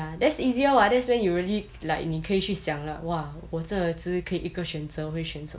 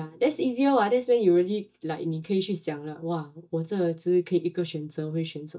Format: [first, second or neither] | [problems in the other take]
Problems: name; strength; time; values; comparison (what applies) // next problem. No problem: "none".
first | noise reduction (neural mask model DeepFilterNet 3)